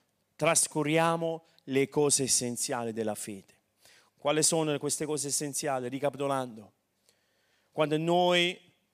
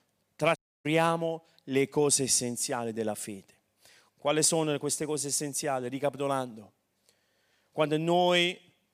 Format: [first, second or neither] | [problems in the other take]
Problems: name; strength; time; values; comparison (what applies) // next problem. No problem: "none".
first | audio cutting out; at 0.5 s